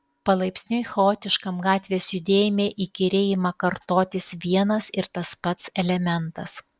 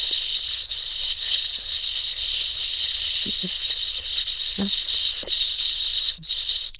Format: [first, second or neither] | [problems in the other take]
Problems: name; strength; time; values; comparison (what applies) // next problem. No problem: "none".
first | noise reduction (neural diffusion model UNIVERSE++)